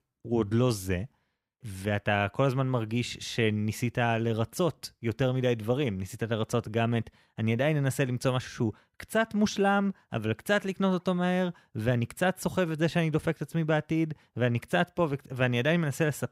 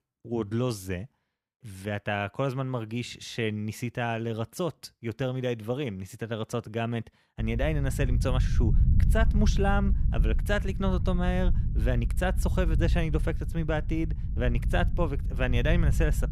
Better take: first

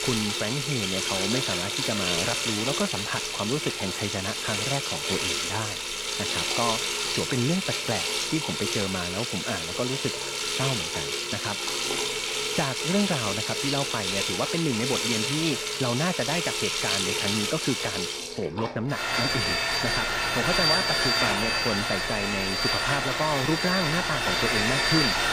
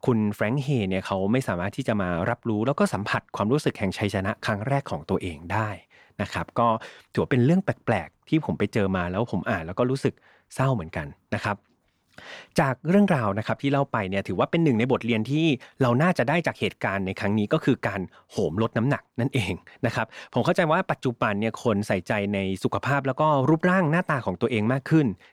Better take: second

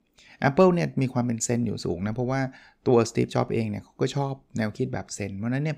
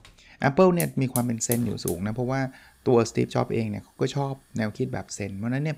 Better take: first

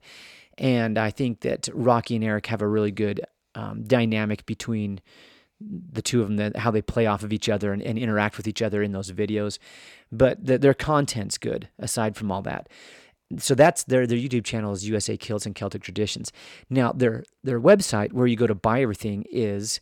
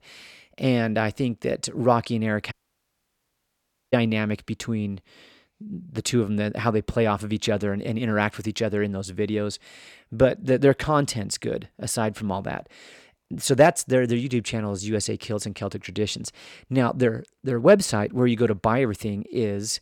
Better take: first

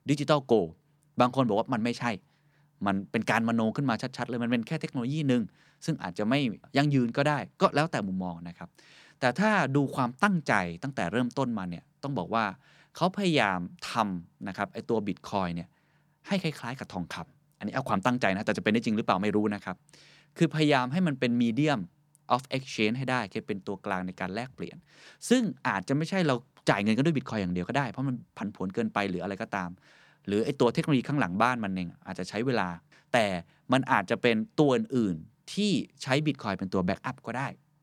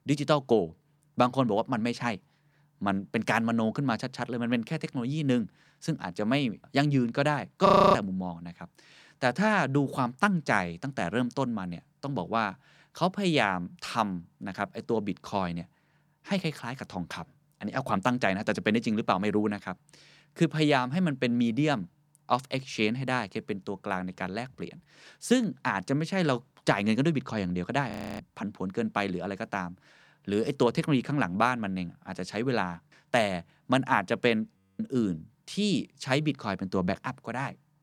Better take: first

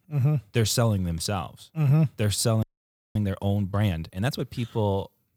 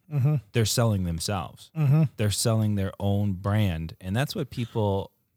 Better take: second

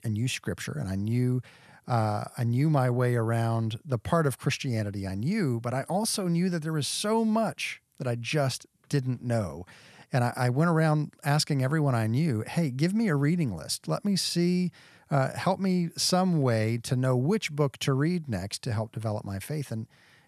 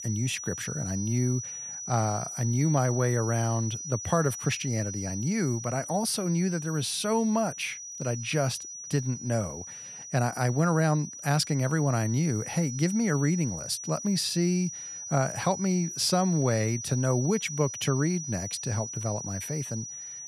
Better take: first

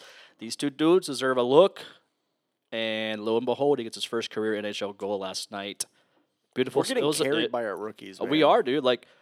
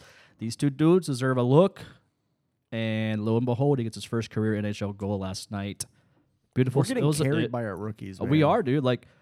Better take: second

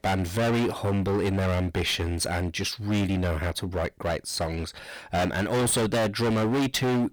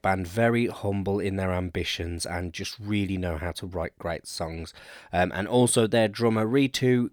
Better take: second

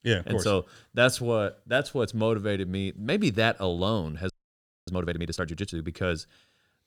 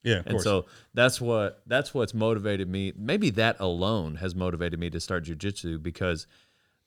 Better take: second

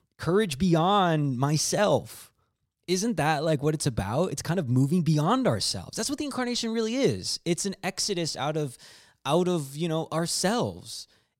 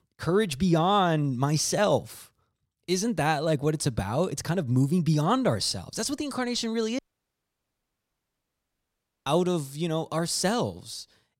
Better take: first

